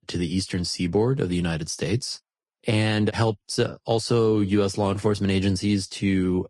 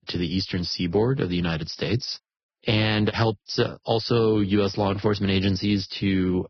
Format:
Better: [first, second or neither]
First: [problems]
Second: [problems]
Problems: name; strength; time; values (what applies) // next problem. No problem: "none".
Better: first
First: garbled, watery; slightly; nothing above 10.5 kHz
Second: garbled, watery; badly; nothing above 5.5 kHz